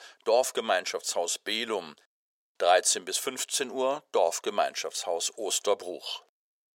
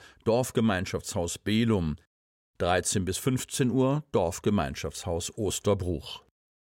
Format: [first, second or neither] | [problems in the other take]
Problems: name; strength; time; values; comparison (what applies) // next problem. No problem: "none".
second | thin; very; fading below 450 Hz